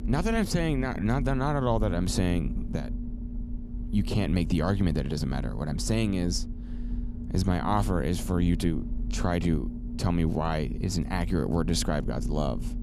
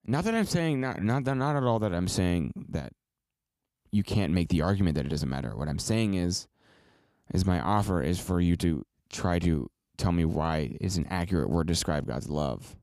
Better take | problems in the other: second | low rumble; noticeable; throughout; 15 dB below the speech

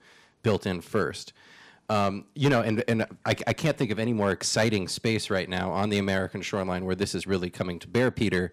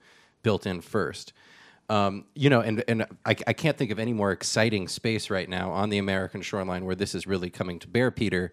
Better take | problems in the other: second | distortion; slight; 1.9% of the sound clipped

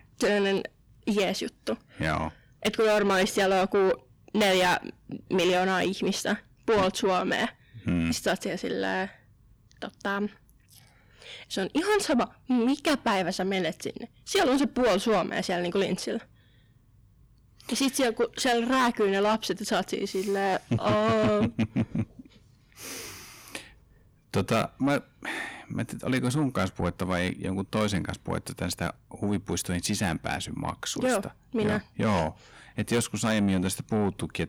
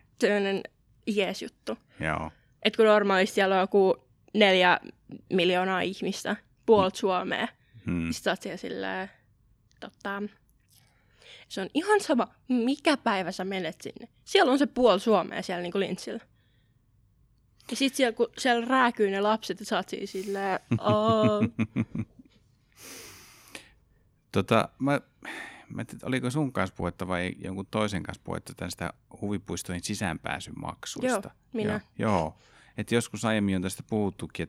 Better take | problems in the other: second | distortion; heavy; 7 dB below the speech

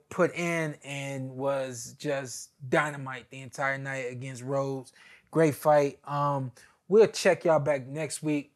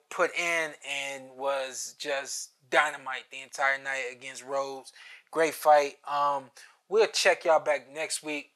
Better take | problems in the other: first | thin; very; fading below 600 Hz

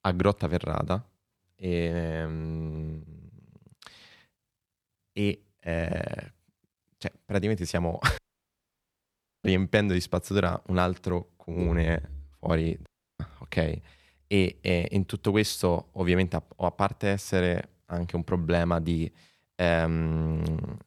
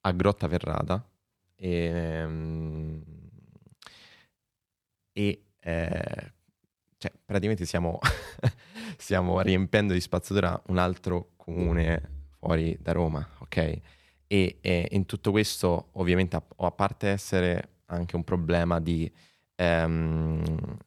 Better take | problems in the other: second | audio cutting out; at 8 s for 1.5 s and at 13 s

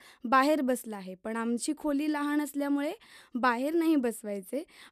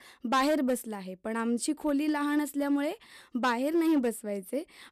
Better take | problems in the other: first | distortion; slight; 4% of the sound clipped

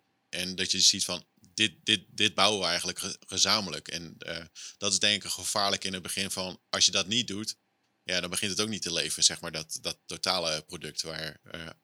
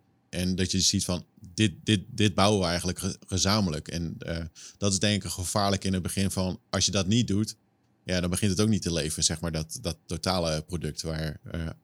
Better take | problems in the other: second | thin; somewhat; fading below 1 kHz

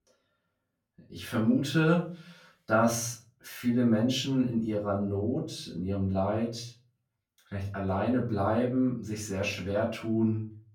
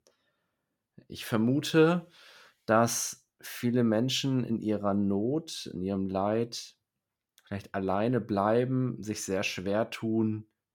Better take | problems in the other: second | off-mic speech; far // room echo; slight; dies away in 0.4 s

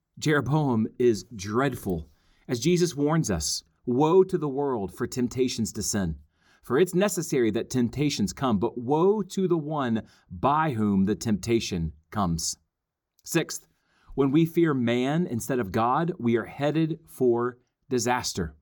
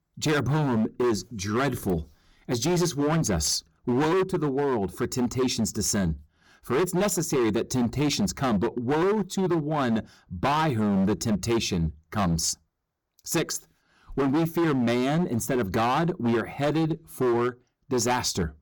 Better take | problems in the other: first | distortion; heavy; 18% of the sound clipped

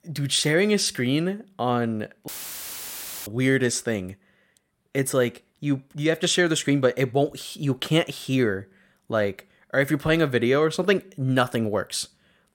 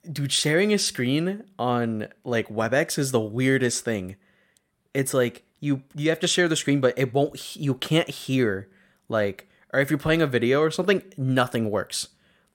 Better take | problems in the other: second | audio cutting out; filled with static; at 2.5 s for 1 s

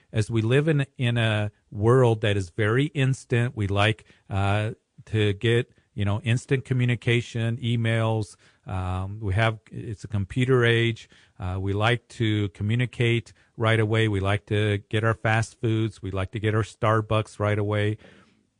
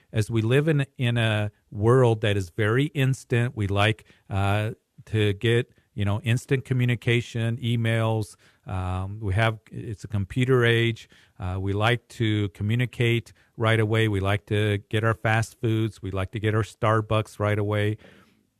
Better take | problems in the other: second | garbled, watery; slightly; nothing above 9 kHz

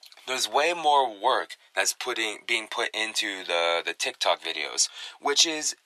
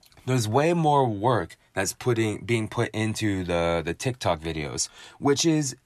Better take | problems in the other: second | thin; very; fading below 550 Hz

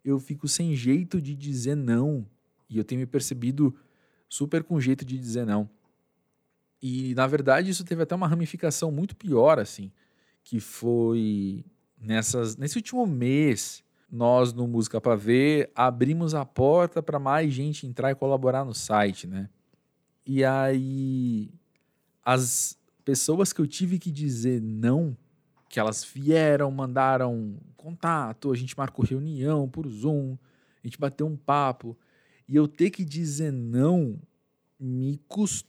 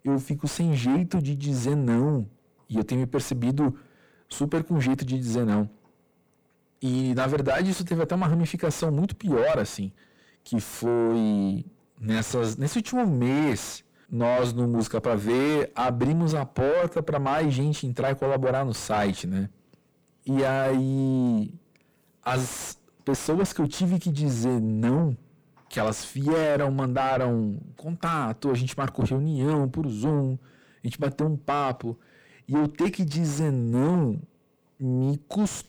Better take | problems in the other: first | distortion; heavy; 5 dB below the speech

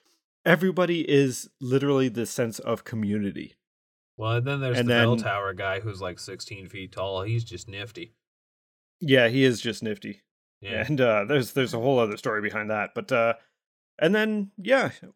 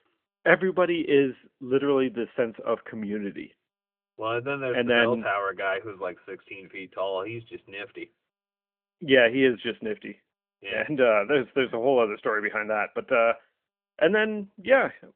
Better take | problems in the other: first | phone-call audio; nothing above 3.5 kHz

